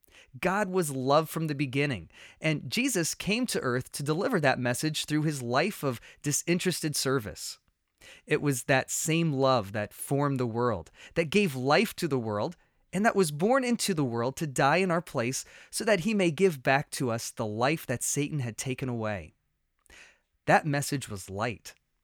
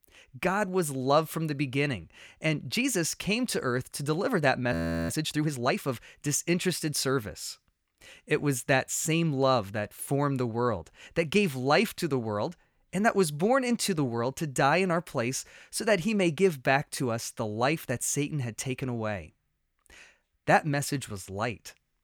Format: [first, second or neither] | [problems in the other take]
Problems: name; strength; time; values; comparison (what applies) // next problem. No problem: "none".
first | audio freezing; at 4.5 s